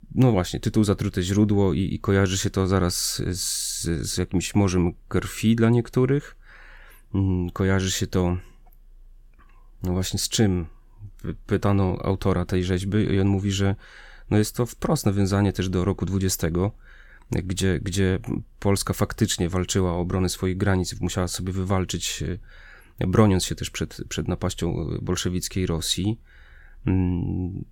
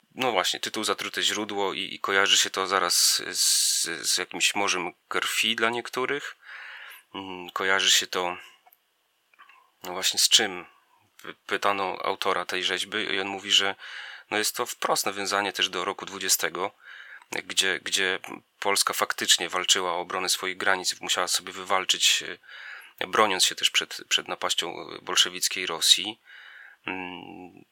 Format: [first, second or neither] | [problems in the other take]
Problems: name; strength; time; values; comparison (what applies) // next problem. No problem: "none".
first | thin; very; fading below 800 Hz